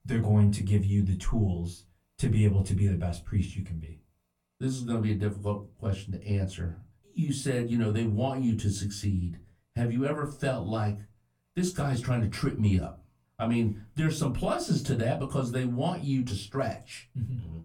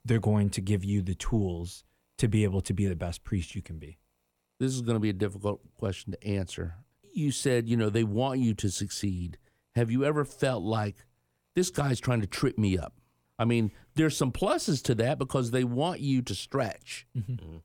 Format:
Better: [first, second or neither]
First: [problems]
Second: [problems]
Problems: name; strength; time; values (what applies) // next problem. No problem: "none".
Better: second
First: off-mic speech; far // room echo; very slight; dies away in 0.2 s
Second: none